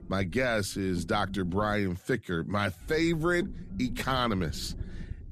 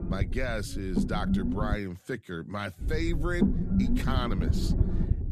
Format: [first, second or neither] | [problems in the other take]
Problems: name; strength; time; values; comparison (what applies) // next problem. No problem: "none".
first | low rumble; loud; until 2 s and from 3 s on; 3 dB below the speech; faint in the first